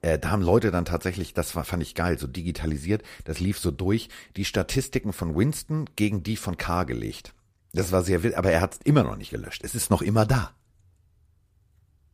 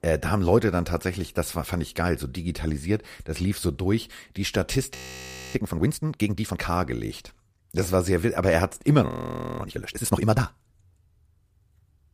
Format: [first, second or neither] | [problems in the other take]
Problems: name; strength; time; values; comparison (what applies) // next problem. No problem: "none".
first | audio freezing; at 5 s for 0.5 s and at 9 s for 0.5 s